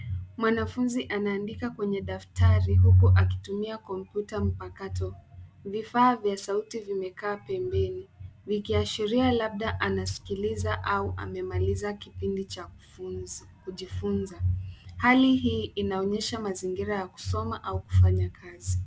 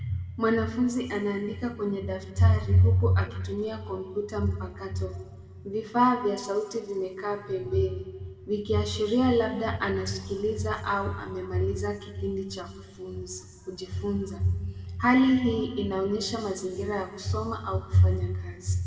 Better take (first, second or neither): first